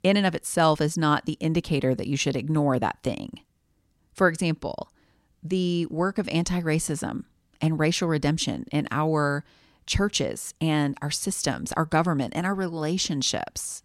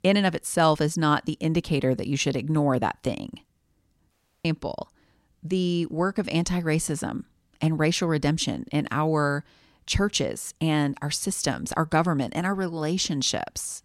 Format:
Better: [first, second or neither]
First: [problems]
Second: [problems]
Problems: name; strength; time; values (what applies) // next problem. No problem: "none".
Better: first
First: none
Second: audio cutting out; at 4 s